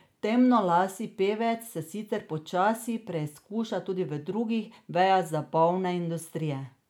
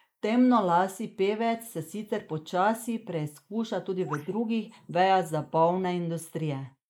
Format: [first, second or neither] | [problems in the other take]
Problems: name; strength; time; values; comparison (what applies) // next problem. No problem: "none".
first | noise reduction (neural mask model Resemble Enhance denoiser)